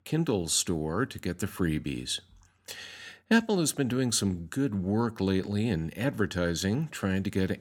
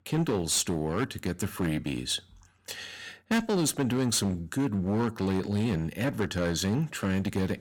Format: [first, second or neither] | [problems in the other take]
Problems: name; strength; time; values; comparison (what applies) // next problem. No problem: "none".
first | distortion; slight; 10% of the sound clipped